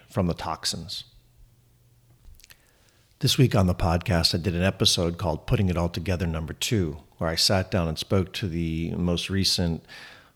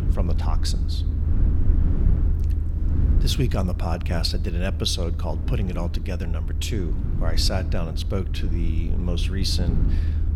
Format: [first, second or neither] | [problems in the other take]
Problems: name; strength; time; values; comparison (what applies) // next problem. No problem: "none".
first | low rumble; loud; throughout; 9 dB below the speech